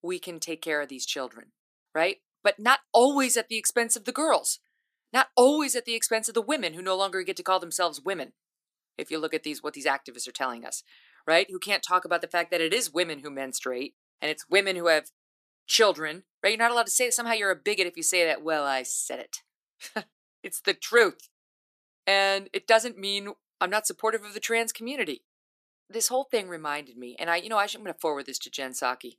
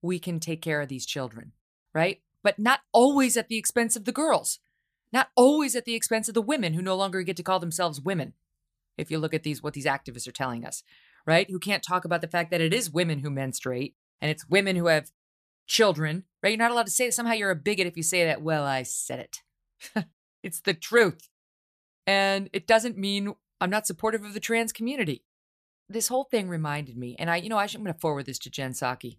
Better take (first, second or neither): second